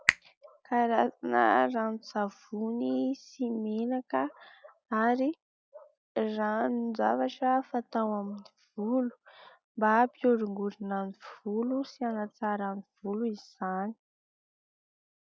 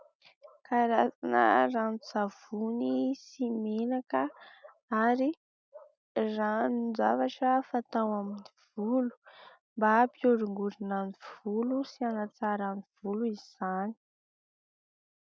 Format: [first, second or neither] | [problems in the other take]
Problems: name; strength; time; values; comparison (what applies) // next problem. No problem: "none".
second | noise reduction (classical method log-MMSE)